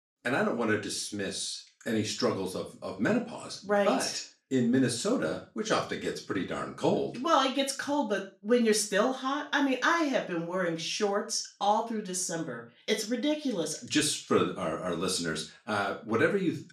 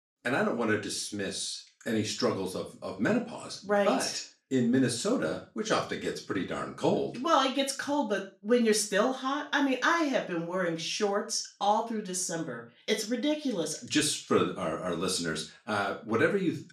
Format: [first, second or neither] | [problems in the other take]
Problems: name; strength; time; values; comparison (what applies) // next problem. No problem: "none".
neither | room echo; slight; dies away in 0.3 s; the same in both // off-mic speech; far; the same in both